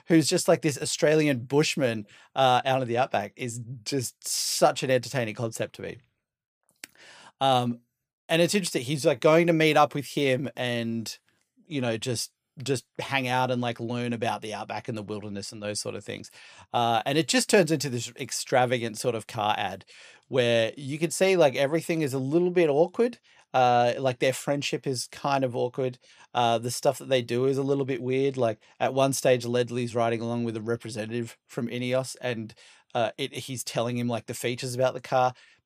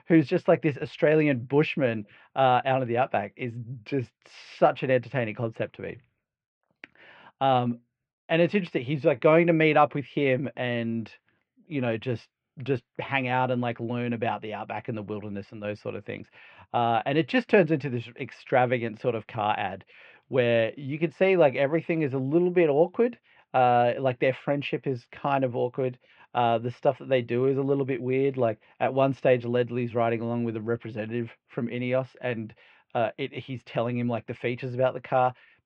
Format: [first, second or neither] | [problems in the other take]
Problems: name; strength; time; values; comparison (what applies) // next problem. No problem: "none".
first | muffled; very; fading above 2.5 kHz